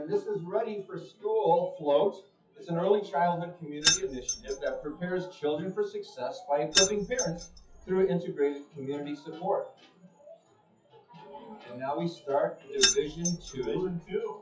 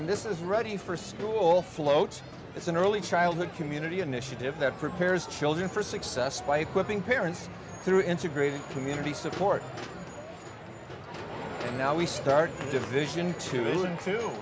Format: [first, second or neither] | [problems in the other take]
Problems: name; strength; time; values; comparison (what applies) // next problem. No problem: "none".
second | noise reduction (classical method WPE with log-MMSE)